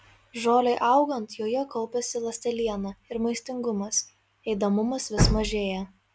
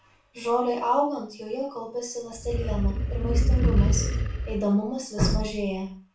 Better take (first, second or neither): first